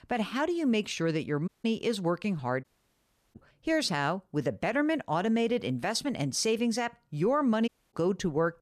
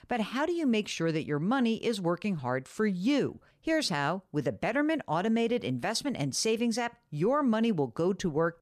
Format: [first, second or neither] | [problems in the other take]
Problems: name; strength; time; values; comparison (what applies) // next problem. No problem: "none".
second | audio cutting out; at 1.5 s, at 2.5 s for 0.5 s and at 7.5 s